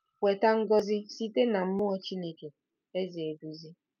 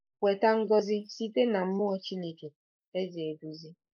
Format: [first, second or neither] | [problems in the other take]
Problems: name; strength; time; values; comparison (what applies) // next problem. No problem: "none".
first | noise reduction (neural mask model Resemble Enhance denoiser)